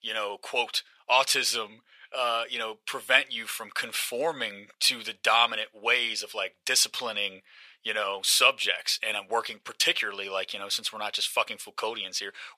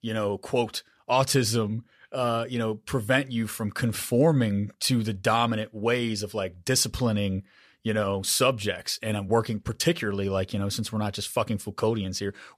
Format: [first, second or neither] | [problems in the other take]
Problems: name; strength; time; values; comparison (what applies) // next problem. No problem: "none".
second | thin; very; fading below 800 Hz